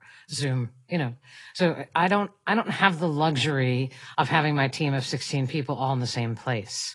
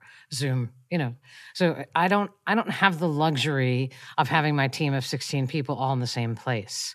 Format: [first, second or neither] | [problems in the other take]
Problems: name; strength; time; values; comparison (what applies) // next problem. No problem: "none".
second | garbled, watery; slightly; nothing above 10.5 kHz